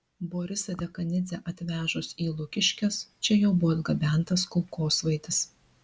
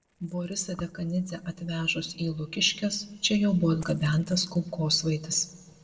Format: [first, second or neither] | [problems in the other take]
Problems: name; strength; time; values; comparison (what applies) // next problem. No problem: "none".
first | noise reduction (neural separator model SepFormer DNS4)